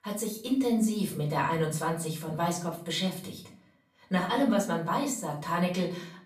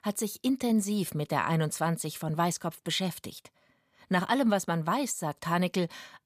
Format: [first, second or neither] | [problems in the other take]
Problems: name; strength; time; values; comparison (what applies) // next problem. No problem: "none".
second | off-mic speech; far // room echo; slight; dies away in 0.4 s